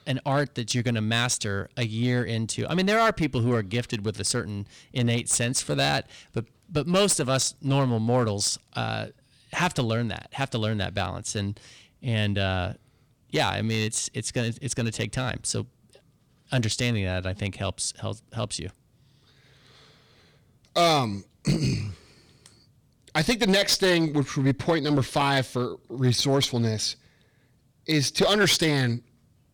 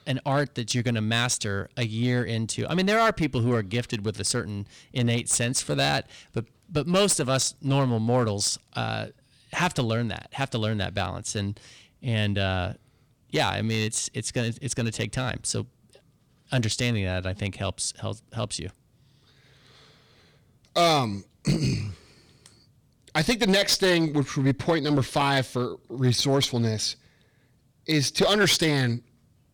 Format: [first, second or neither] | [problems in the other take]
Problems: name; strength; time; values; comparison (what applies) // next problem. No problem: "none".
neither | distortion; slight; 4% of the sound clipped; the same in both